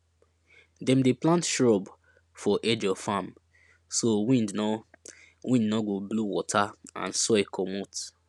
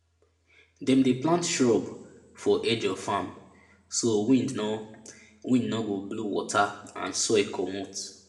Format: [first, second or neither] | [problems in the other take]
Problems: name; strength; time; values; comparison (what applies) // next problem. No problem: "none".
first | room echo; dies away in 0.6 s